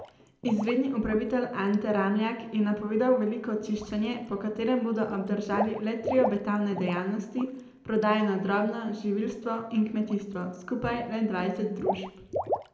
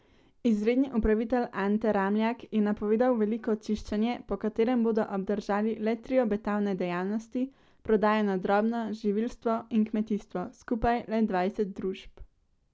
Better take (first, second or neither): second